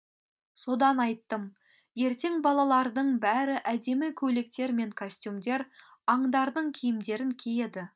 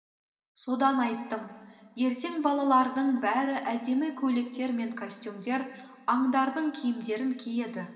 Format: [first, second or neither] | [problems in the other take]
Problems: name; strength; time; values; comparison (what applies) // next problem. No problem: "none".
first | room echo; dies away in 2 s